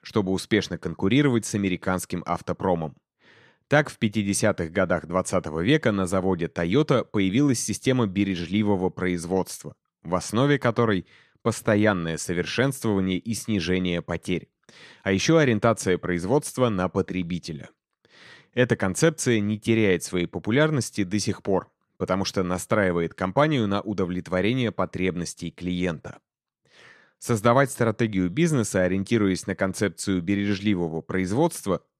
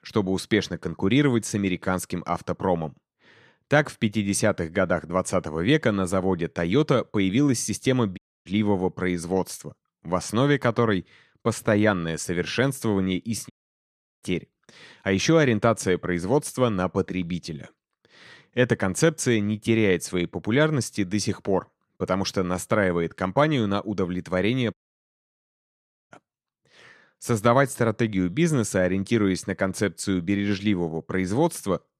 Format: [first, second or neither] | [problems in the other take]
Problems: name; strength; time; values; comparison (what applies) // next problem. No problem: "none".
first | audio cutting out; at 8 s, at 14 s for 0.5 s and at 25 s for 1.5 s